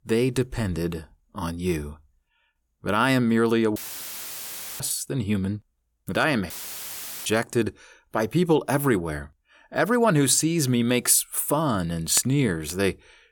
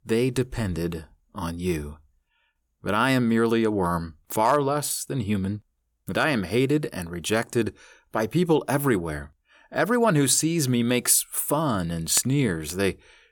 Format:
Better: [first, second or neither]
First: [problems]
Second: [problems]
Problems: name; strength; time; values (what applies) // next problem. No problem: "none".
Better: second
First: audio cutting out; filled with static; at 4 s for 1 s and at 6.5 s for 1 s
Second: none